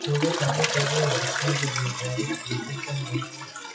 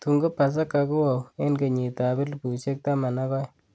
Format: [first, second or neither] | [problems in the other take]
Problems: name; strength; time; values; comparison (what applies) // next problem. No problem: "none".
second | noise reduction (classical method WPE with log-MMSE)